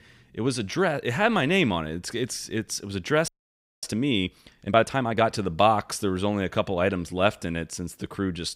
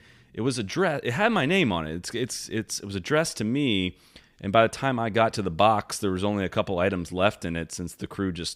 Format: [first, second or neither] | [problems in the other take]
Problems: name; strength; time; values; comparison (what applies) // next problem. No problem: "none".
second | audio freezing; at 3.5 s for 0.5 s